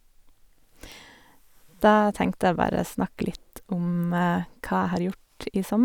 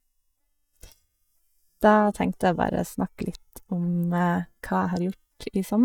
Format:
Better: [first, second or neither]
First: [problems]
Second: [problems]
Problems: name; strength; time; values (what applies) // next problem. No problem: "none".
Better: first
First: none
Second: noise reduction (neural mask model DeepFilterNet 3)